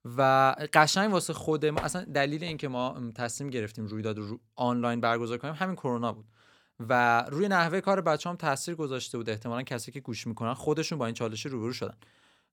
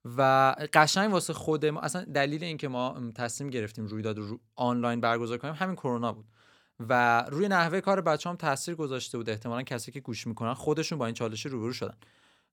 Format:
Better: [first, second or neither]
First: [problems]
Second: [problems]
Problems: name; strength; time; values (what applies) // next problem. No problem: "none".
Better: second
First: door banging; noticeable; at 2 s; peak 8 dB below the speech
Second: none